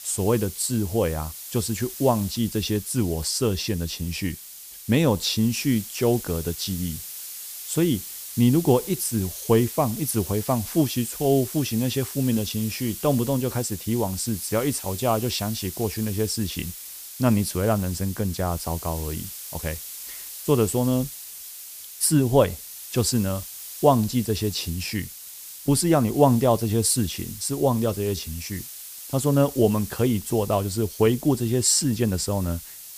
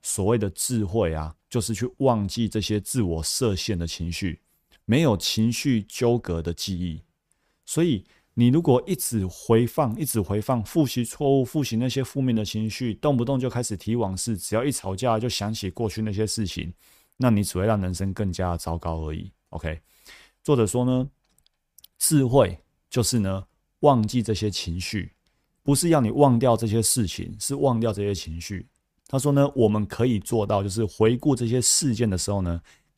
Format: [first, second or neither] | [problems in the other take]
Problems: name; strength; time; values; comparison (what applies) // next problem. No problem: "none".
second | hiss; noticeable; throughout; 10 dB below the speech